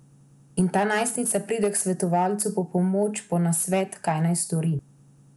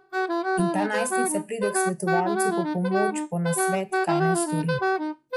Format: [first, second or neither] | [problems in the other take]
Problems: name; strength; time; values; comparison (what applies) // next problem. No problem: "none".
first | noise reduction (classical method log-MMSE)